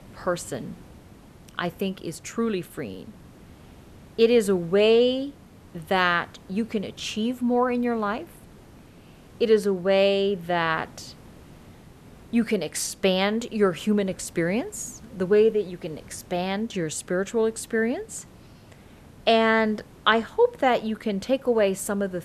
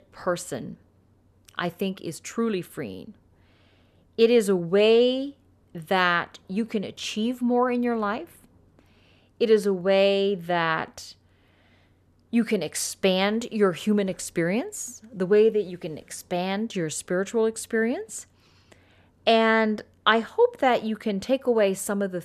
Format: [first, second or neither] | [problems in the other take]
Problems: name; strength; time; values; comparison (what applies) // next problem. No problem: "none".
second | hiss; faint; throughout; 25 dB below the speech